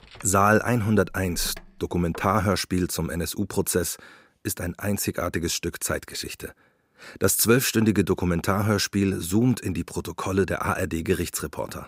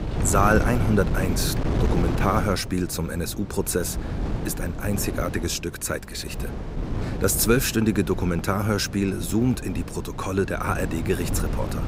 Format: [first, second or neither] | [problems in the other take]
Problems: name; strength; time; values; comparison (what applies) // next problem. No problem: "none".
first | wind noise on the microphone; heavy; 9 dB below the speech